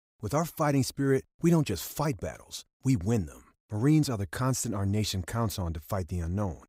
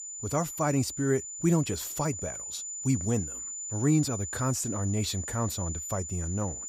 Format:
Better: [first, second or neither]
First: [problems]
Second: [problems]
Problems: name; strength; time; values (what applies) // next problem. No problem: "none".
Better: first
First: none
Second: high-pitched whine; loud; throughout; 7 kHz, 6 dB below the speech